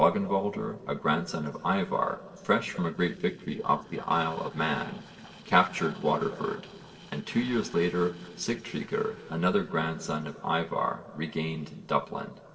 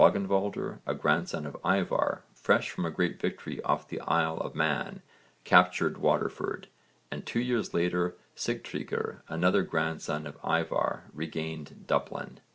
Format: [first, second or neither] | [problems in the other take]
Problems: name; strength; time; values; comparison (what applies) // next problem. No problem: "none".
second | noise reduction (neural separator model SepFormer DNS4)